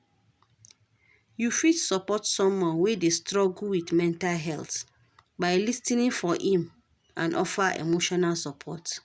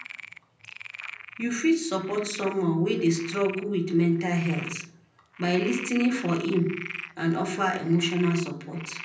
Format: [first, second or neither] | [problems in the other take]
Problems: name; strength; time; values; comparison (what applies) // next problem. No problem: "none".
first | background sound (Frog); 14 dB below the speech // room echo; dies away in 0.6 s